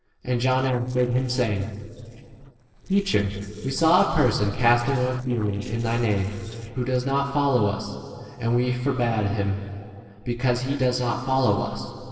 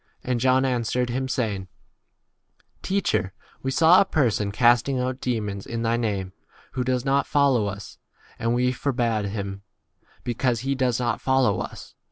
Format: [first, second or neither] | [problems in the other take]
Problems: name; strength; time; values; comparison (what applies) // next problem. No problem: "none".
second | noise reduction (neural separator model SepFormer DNS4)